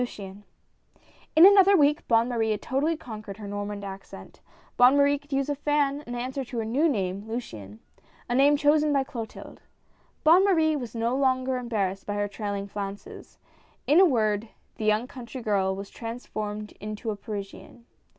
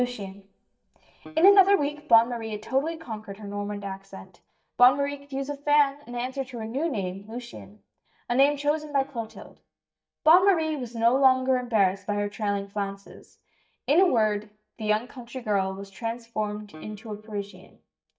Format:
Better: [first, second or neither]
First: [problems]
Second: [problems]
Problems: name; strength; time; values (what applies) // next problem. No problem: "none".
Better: first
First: none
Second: noise reduction (neural mask model DeepFilterNet 3)